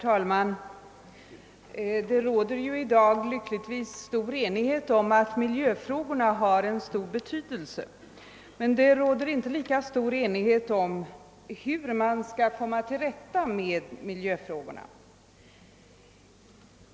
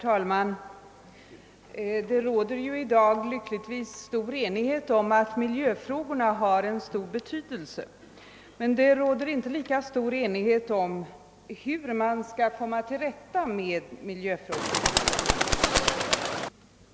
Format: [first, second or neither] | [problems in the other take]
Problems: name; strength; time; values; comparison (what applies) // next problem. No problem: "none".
first | background sound (Bird); 2 dB above the speech